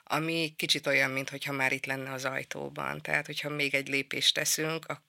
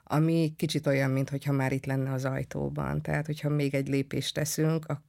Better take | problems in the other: second | thin; somewhat; fading below 900 Hz

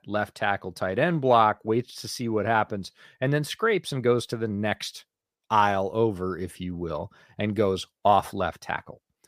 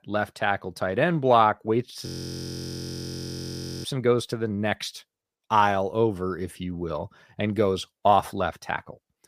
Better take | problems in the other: first | audio freezing; at 2 s for 2 s

